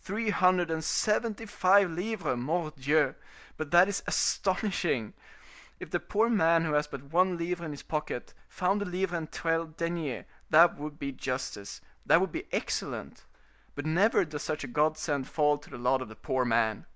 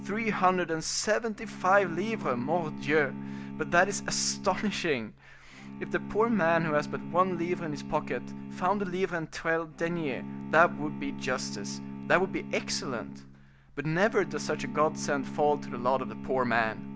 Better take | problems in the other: first | background sound (Bowed string instrument); 10 dB below the speech

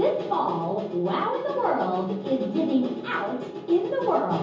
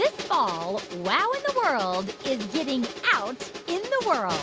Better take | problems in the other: second | room echo; dies away in 0.7 s

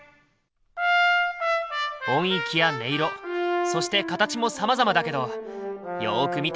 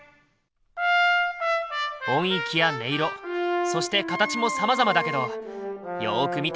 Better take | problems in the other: first | background sound (Wind instrument, woodwind instrument); 7 dB below the speech

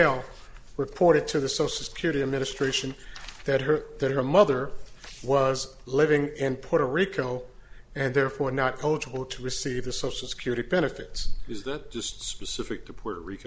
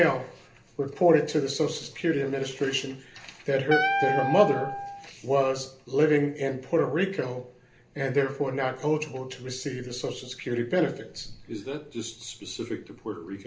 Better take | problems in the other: first | background sound (Wind instrument, woodwind instrument); 1 dB below the speech // room echo; dies away in 0.3 s

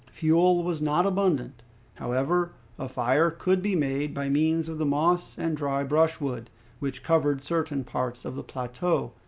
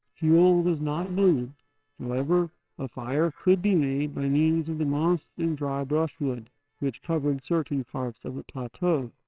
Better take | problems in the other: first | noise reduction (neural separator model SepFormer WHAMR!)

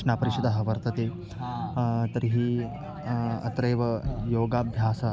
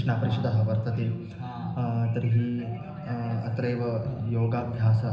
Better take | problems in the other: first | room echo; dies away in 0.9 s

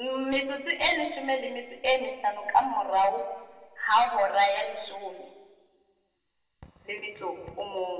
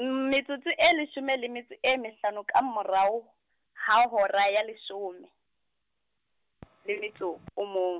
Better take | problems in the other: second | room echo; dies away in 2.6 s

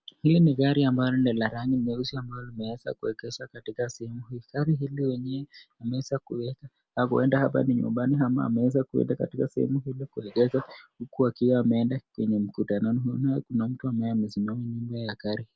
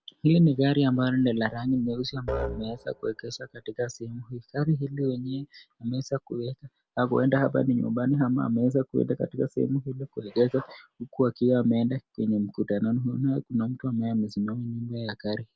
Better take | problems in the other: first | background sound (Musical instrument); 11 dB below the speech

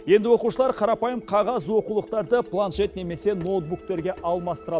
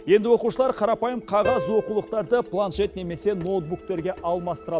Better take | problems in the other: first | background sound (Piano); 11 dB below the speech

